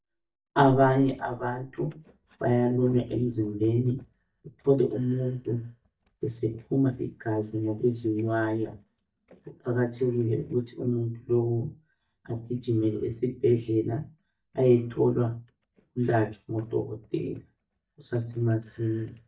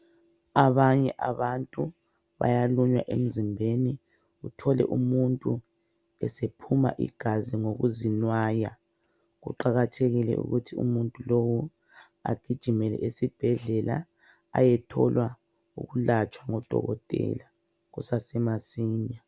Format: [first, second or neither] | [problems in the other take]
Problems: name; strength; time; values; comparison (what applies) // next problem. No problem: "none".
second | noise reduction (neural mask model DeepFilterNet 3)